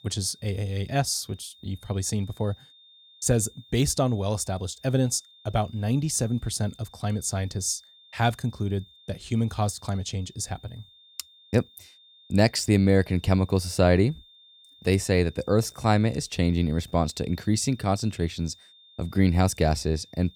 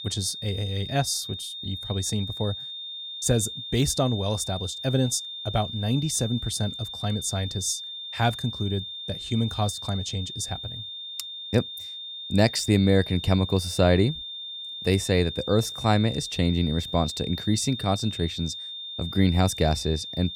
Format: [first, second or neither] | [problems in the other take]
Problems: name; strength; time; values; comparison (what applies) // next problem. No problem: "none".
first | high-pitched whine; loud; throughout; 3.5 kHz, 8 dB below the speech; faint in the first